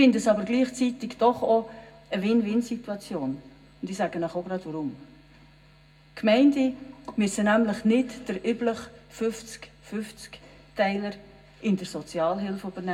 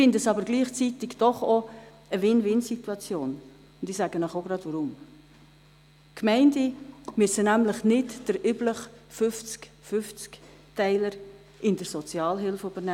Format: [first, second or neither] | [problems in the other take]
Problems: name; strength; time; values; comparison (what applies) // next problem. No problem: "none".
second | room echo; dies away in 0.3 s